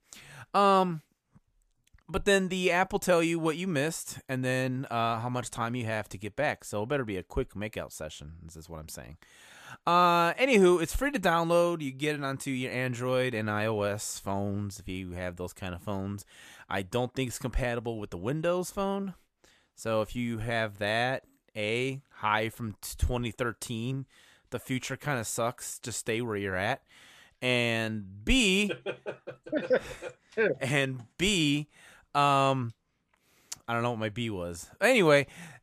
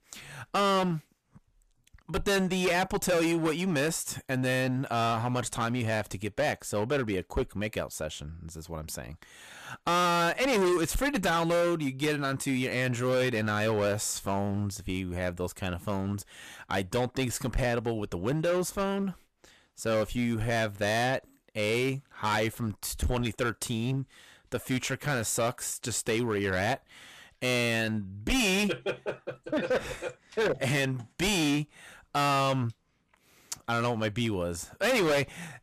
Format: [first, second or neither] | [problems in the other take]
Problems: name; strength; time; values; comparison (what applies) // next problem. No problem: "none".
first | distortion; heavy; 12% of the sound clipped